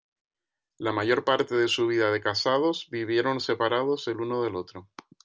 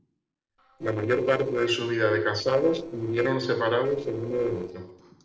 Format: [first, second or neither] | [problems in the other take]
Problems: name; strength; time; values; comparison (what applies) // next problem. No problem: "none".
first | noise reduction (neural separator model SepFormer DNS4)